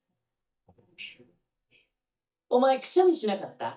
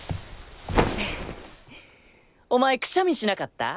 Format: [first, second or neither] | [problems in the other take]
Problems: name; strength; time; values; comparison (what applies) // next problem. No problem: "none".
second | noise reduction (neural mask model DeepFilterNet 3)